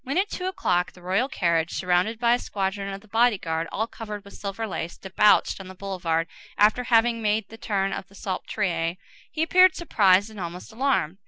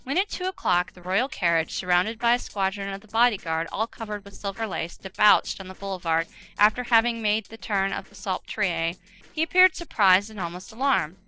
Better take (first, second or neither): first